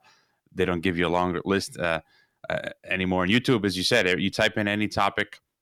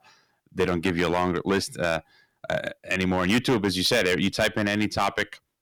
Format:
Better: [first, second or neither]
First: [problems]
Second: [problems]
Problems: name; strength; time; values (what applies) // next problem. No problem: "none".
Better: first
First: none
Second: distortion; slight; 5% of the sound clipped